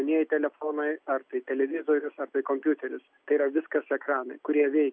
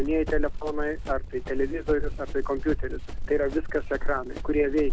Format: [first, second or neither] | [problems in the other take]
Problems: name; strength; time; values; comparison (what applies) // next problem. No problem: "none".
first | background sound (Run); 1 dB below the speech